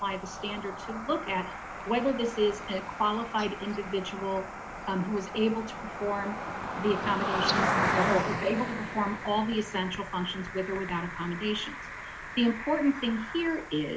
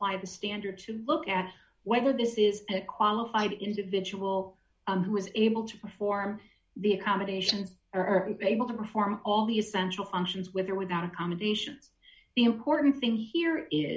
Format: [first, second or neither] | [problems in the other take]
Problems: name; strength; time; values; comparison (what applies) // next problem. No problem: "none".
second | background sound (Cricket); 4 dB below the speech